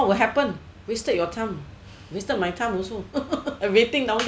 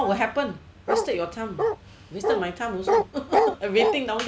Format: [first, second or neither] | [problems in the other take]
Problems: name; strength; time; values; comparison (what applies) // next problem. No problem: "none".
first | background sound (Bark); 1 dB above the speech